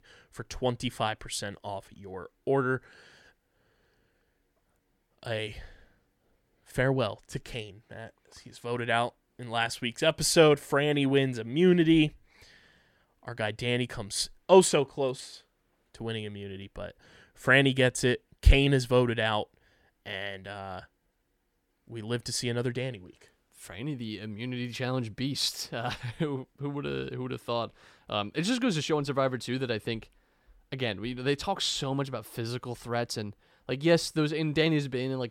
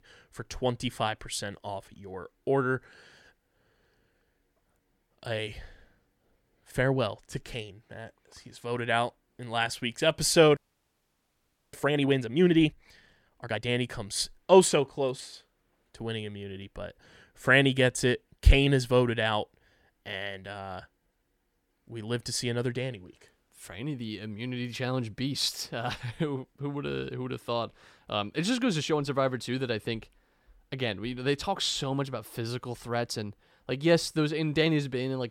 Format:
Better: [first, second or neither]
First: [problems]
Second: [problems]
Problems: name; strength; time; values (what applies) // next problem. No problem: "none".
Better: first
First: none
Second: audio freezing; at 11 s for 1 s